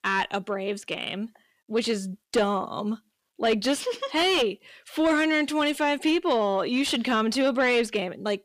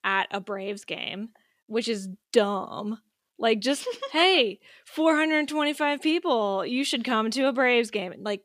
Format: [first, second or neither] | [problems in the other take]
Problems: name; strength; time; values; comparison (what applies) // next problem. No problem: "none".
second | distortion; slight; 10 dB below the speech